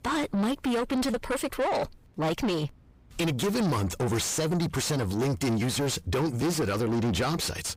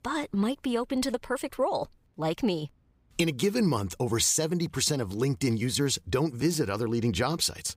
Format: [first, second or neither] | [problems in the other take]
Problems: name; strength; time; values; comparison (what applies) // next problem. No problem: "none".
second | distortion; heavy; 6 dB below the speech